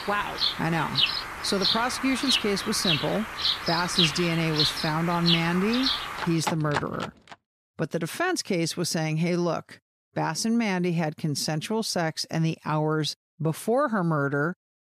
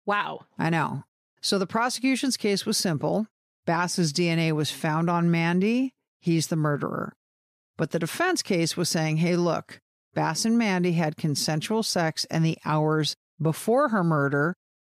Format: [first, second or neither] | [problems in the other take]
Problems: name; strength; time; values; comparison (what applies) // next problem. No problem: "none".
second | animal sounds; very loud; until 7 s; 1 dB above the speech